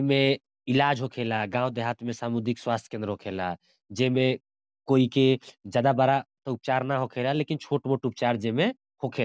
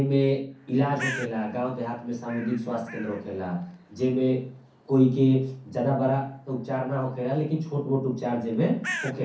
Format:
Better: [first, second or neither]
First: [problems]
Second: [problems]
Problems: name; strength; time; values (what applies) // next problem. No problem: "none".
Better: first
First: none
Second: background sound (Bird); 16 dB below the speech // room echo; dies away in 0.6 s